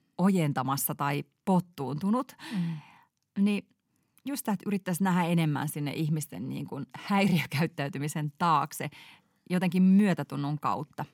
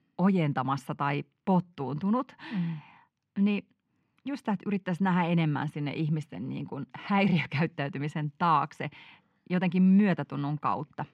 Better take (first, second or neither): first